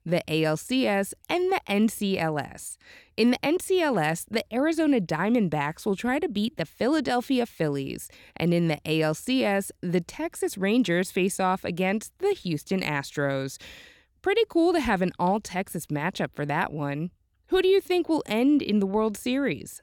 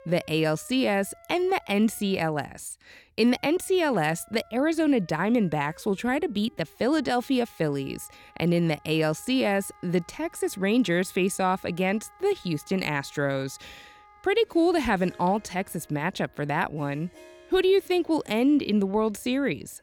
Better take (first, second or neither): first